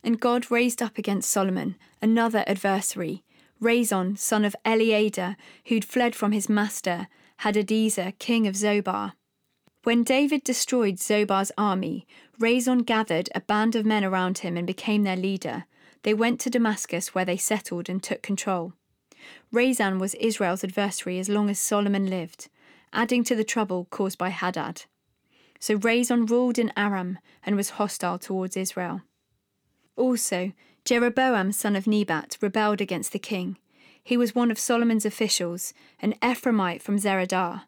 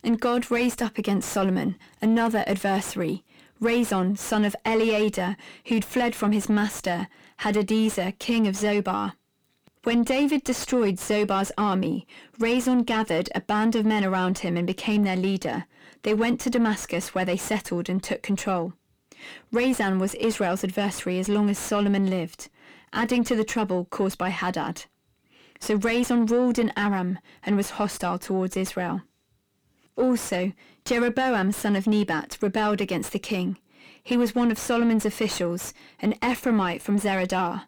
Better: first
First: none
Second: distortion; slight; 10 dB below the speech

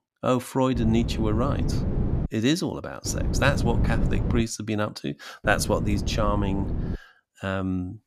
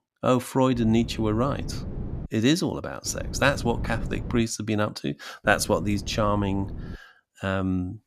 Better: second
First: wind noise on the microphone; heavy; from 1 to 2.5 s, from 3 to 4.5 s and from 5.5 to 7 s; 10 dB below the speech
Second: wind noise on the microphone; occasional gusts; from 1 to 2.5 s, from 3 to 4.5 s and from 5.5 to 7 s; 20 dB below the speech

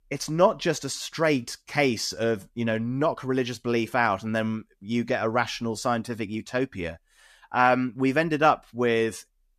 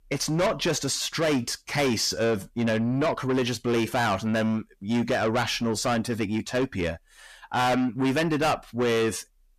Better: first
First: none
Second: distortion; heavy; 6 dB below the speech

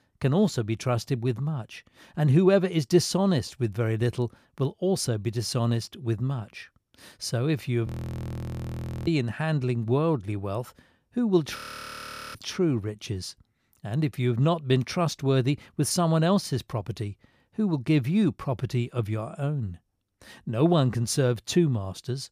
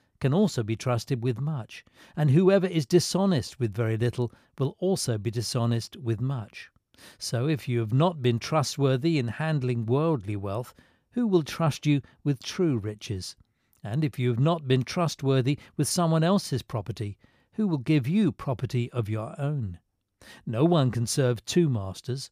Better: second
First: audio freezing; at 8 s for 1 s and at 12 s for 1 s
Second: none

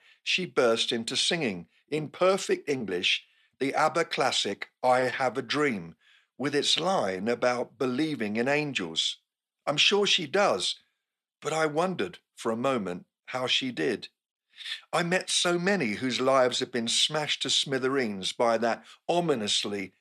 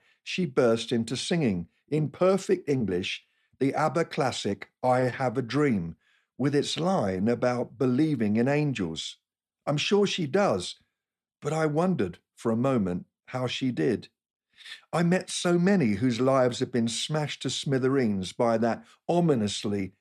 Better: second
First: thin; very slightly; fading below 700 Hz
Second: none

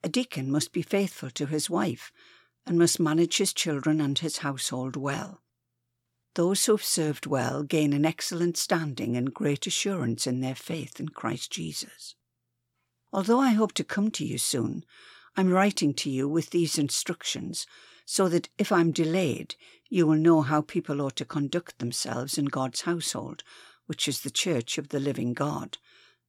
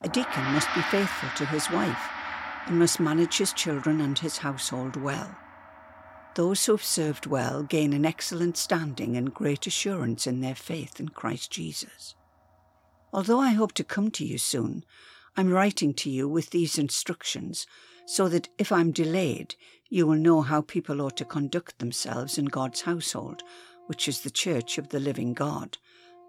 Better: first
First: none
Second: background music; loud; throughout; 7 dB below the speech

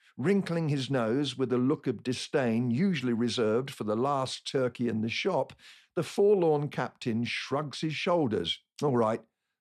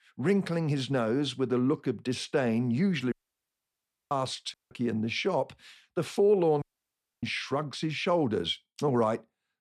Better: first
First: none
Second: audio cutting out; at 3 s for 1 s, at 4.5 s and at 6.5 s for 0.5 s

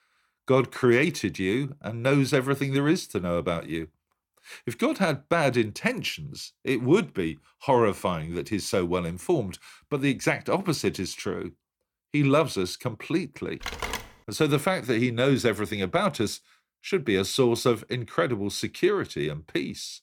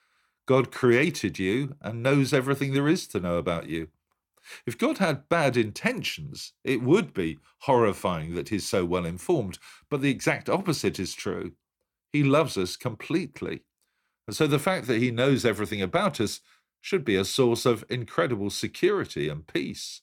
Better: second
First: phone ringing; noticeable; at 14 s; peak 6 dB below the speech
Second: none

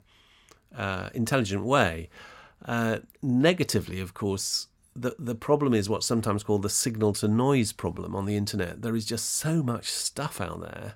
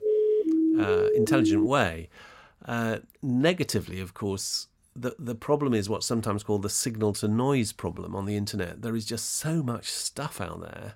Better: first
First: none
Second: siren; loud; until 1.5 s; peak 5 dB above the speech

